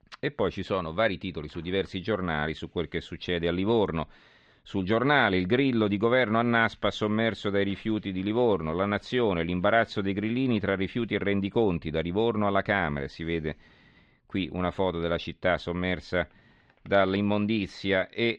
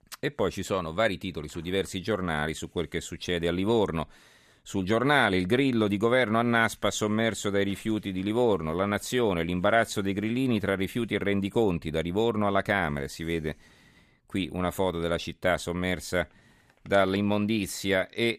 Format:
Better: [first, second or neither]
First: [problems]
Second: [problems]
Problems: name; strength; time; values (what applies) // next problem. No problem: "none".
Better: second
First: muffled; slightly; fading above 4.5 kHz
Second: none